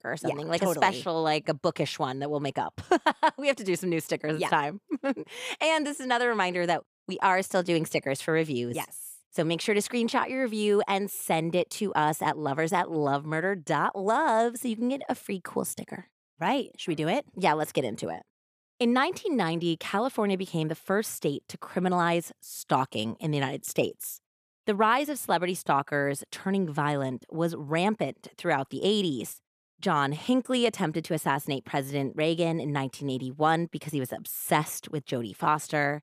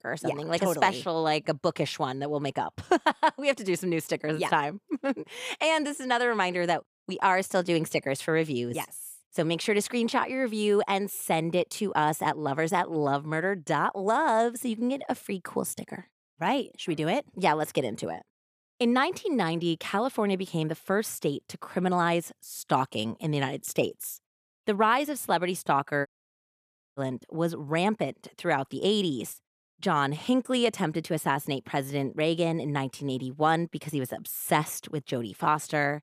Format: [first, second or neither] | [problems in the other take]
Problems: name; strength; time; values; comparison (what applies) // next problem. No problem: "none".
first | audio cutting out; at 26 s for 1 s